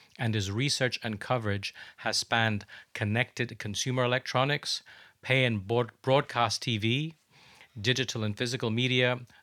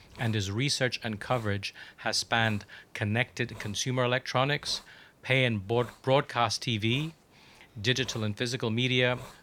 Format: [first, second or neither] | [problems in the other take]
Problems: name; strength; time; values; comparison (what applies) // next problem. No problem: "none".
first | hiss; faint; throughout; 25 dB below the speech